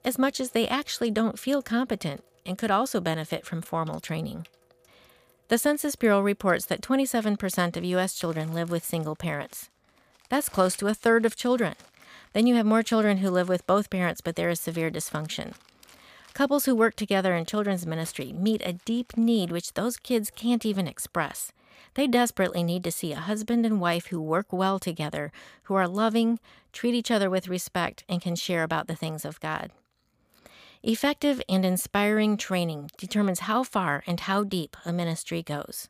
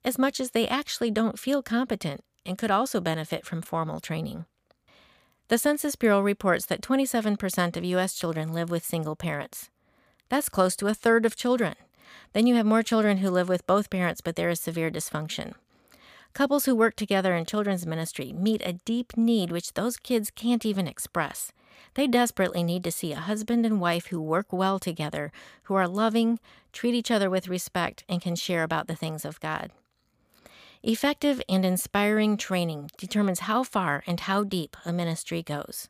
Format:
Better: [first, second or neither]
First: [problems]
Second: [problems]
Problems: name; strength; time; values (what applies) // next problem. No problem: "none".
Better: second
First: household noises; faint; until 21 s; 30 dB below the speech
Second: none